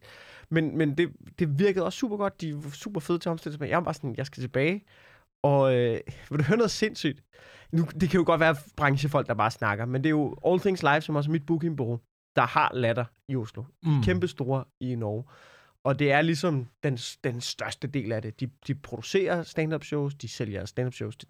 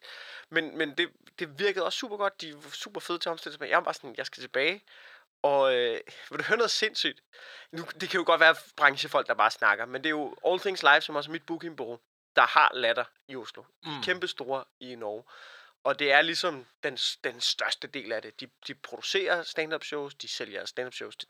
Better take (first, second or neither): first